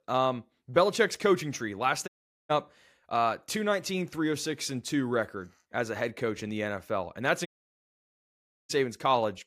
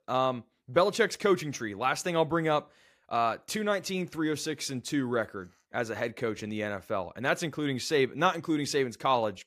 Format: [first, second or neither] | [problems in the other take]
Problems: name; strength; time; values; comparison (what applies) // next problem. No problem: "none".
second | audio cutting out; at 2 s and at 7.5 s for 1 s